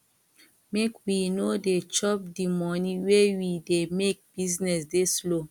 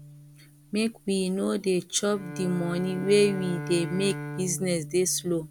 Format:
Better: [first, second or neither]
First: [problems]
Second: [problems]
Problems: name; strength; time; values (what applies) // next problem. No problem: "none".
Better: first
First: none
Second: background sound (Bowed string instrument); 12 dB below the speech